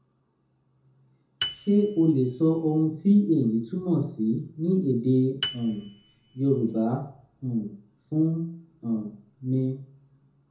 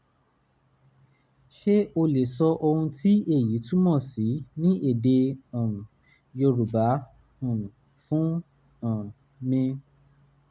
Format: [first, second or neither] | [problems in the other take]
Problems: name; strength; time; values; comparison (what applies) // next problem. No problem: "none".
second | background sound (Piano); 12 dB below the speech // room echo; dies away in 0.5 s